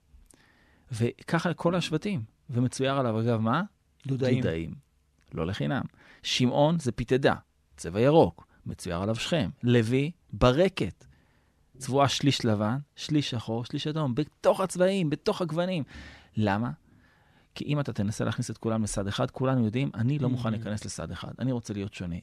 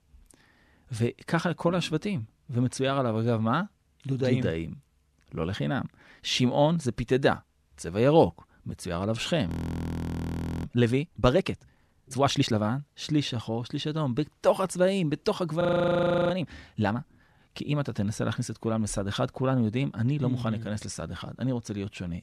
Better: first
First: none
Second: audio freezing; at 9.5 s for 1 s and at 16 s for 0.5 s

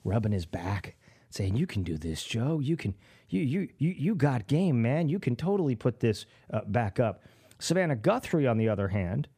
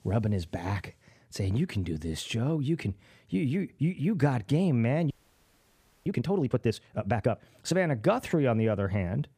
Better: first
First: none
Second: audio freezing; at 5 s for 1 s

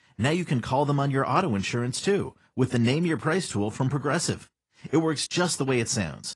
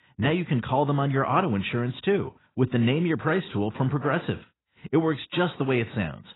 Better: first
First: garbled, watery; slightly; nothing above 10 kHz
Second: garbled, watery; badly; nothing above 4 kHz

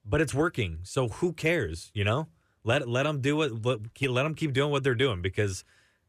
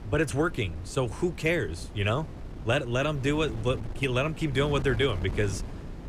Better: first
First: none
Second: wind noise on the microphone; occasional gusts; 15 dB below the speech

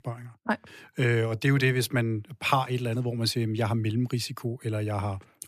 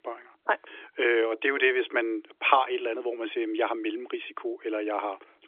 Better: first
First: none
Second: phone-call audio; nothing above 3.5 kHz

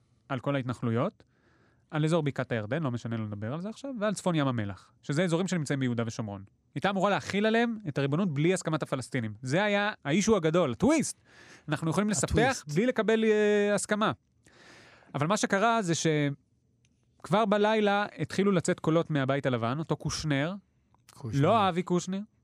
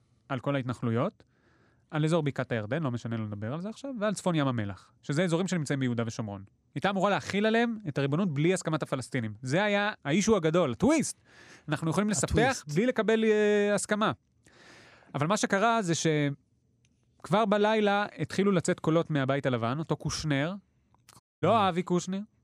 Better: first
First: none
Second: audio cutting out; at 21 s

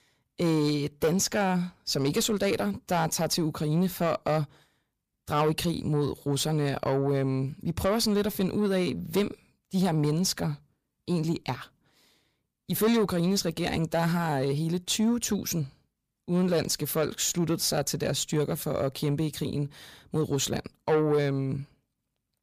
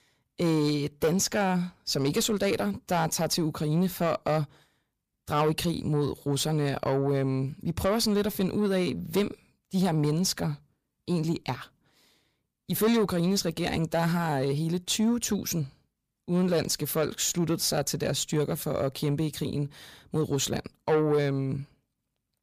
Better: neither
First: distortion; slight; 10 dB below the speech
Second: distortion; slight; 10 dB below the speech

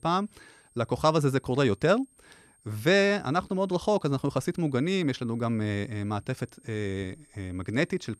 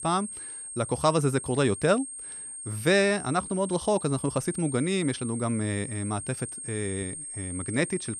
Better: first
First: high-pitched whine; faint; throughout; 8.5 kHz, 35 dB below the speech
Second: high-pitched whine; loud; throughout; 8.5 kHz, 9 dB below the speech

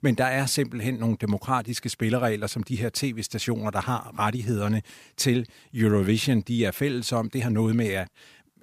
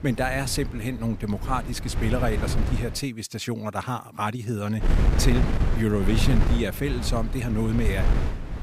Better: first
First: none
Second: wind noise on the microphone; heavy; until 3 s and from 5 s on; 6 dB below the speech

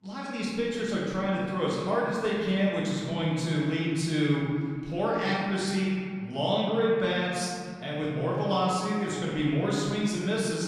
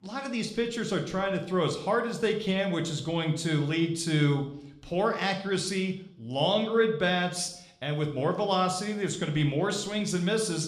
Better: second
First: room echo; strong; dies away in 2.2 s // off-mic speech; far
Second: room echo; slight; dies away in 0.5 s

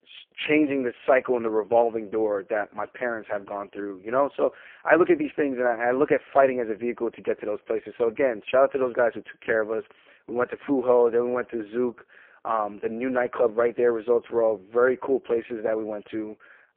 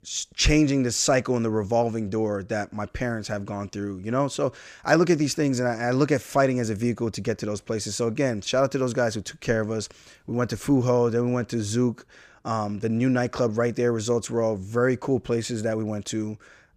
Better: second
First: phone-call audio; poor line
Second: none

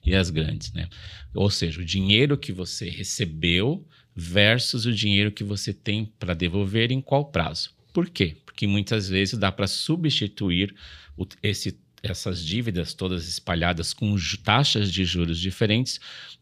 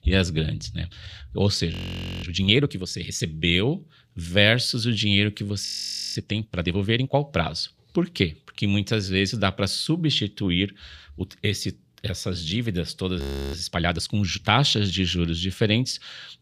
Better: first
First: none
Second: audio freezing; at 1.5 s for 0.5 s, at 5.5 s and at 13 s

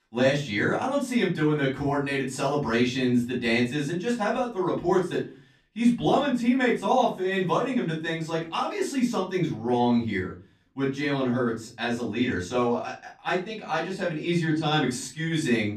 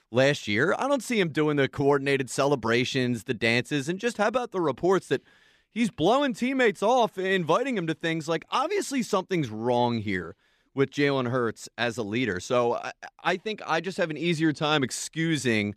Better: second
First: off-mic speech; far // room echo; slight; dies away in 0.3 s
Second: none

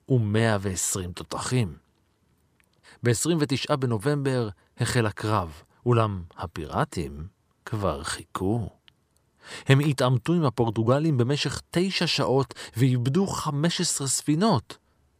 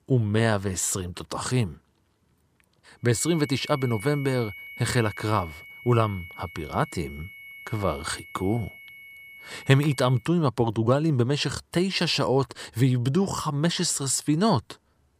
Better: first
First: none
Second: high-pitched whine; noticeable; from 3 to 10 s; 2 kHz, 15 dB below the speech

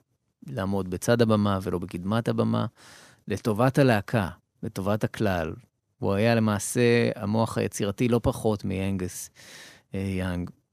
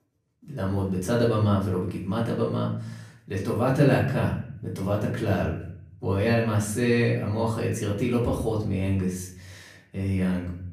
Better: first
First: none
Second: off-mic speech; far // room echo; slight; dies away in 0.7 s

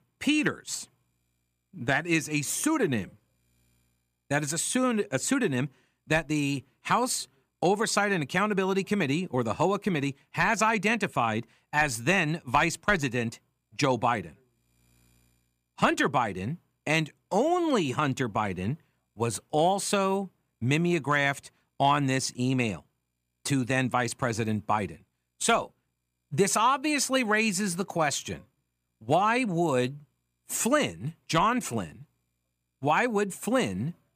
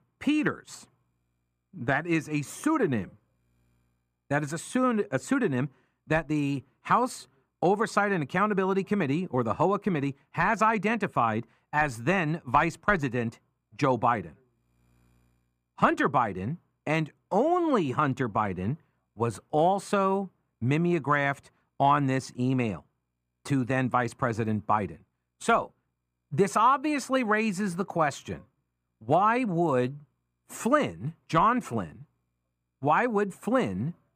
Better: first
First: none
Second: muffled; slightly; fading above 2.5 kHz

